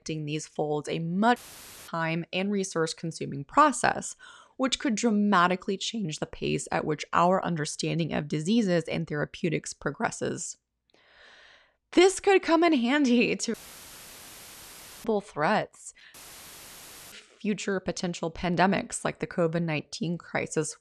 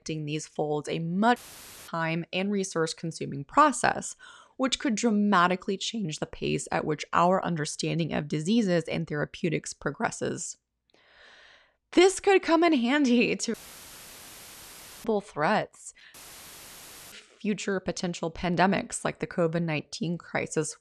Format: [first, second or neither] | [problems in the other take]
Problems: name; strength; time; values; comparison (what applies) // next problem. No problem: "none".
neither | audio cutting out; filled with static; at 1.5 s for 0.5 s, at 14 s for 1.5 s and at 16 s for 1 s; the same in both